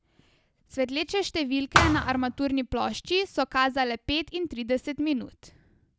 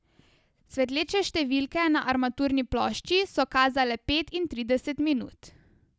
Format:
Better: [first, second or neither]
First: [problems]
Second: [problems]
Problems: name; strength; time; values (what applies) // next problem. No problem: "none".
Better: second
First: background sound (Thump, thud); 1 dB above the speech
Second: none